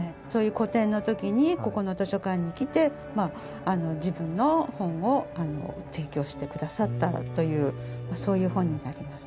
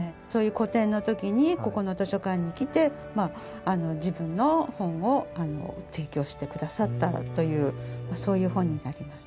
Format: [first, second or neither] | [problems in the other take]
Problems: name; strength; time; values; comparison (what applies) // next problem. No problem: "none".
second | background sound (Bowed string instrument); 20 dB below the speech